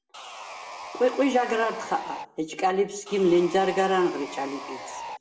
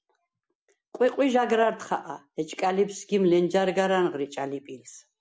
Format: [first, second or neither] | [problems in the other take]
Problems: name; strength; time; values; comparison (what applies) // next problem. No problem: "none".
second | background sound (Sawing); 13 dB below the speech // room echo; dies away in 0.6 s